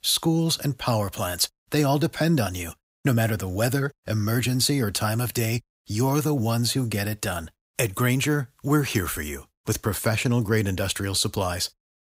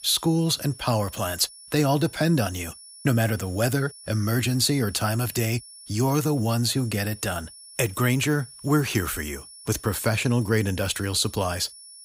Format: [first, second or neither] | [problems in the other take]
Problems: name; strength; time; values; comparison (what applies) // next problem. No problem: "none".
first | high-pitched whine; noticeable; throughout; 10 kHz, 20 dB below the speech